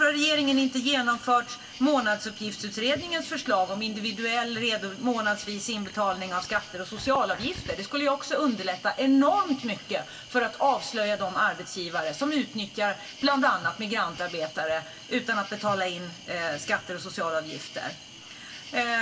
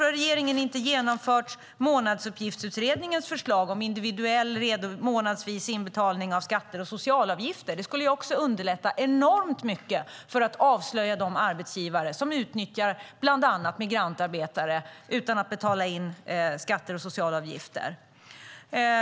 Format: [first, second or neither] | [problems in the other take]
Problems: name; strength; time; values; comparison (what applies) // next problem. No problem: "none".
second | background sound (Cricket); 16 dB below the speech // room echo; dies away in 0.2 s